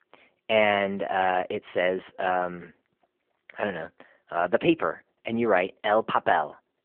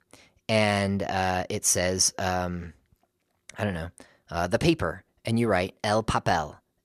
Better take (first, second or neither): second